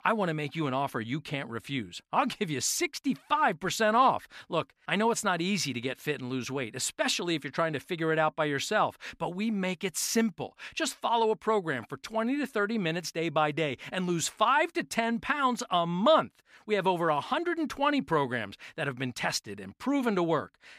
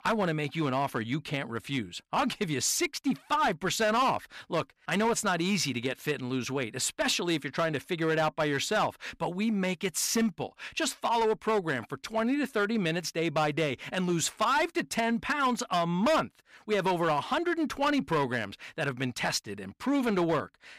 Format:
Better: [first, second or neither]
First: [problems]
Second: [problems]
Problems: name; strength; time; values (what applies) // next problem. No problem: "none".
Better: first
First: none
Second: distortion; slight; 7% of the sound clipped